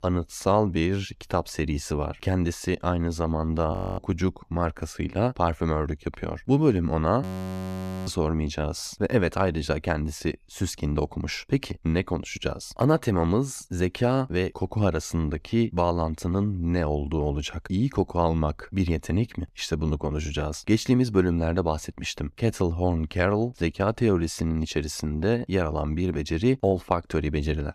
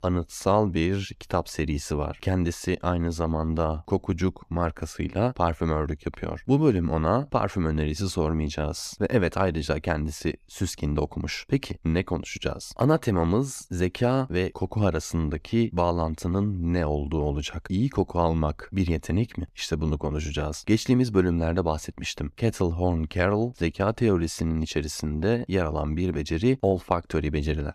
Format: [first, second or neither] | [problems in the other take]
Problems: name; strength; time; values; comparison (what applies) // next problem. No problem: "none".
second | audio freezing; at 3.5 s and at 7 s for 1 s